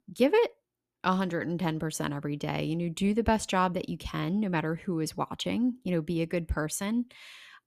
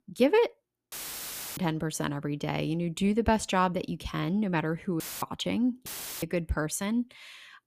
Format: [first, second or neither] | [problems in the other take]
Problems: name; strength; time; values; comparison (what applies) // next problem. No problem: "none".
first | audio cutting out; filled with static; at 1 s for 0.5 s, at 5 s and at 6 s